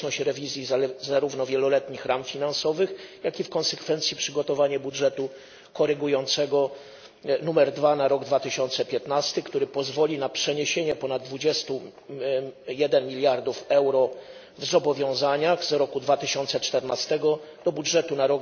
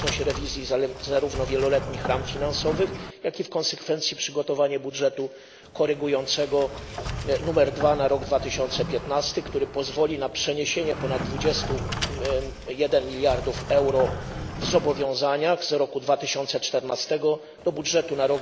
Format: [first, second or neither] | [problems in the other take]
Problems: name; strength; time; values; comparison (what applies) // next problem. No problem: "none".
first | background sound (Sliding door); 10 dB below the speech